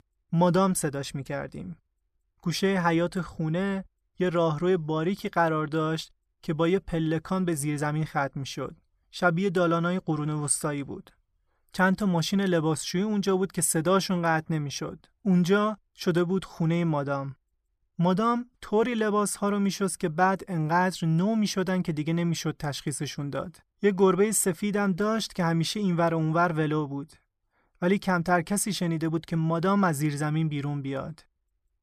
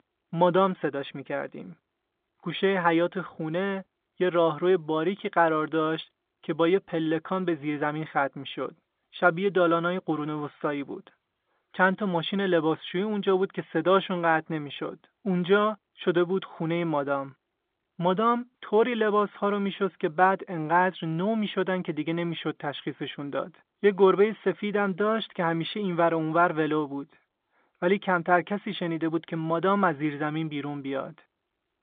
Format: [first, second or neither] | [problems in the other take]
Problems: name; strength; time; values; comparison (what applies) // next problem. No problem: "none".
first | phone-call audio